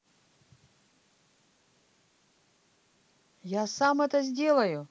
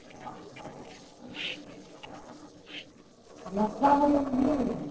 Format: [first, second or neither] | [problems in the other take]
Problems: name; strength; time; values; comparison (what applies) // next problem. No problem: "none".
first | noise reduction (neural separator model SepFormer DNS4)